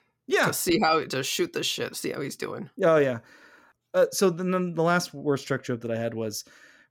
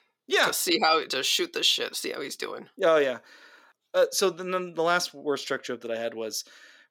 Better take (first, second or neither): first